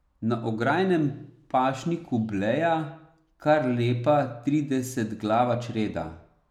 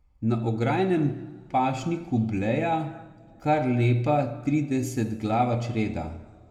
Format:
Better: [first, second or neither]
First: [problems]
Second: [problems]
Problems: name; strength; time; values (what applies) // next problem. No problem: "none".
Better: first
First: none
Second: room echo; dies away in 1.3 s